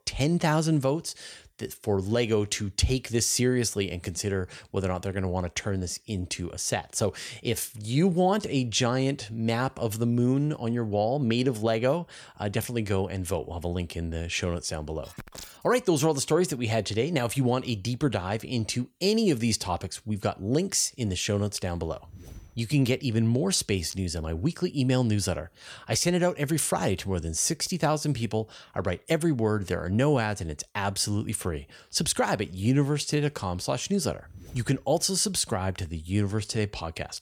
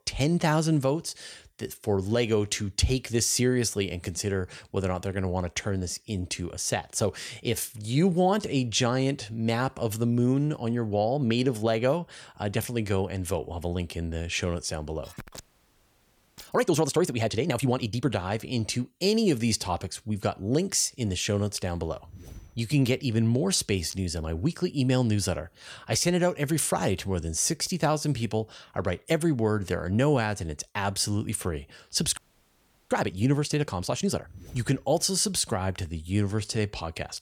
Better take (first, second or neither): first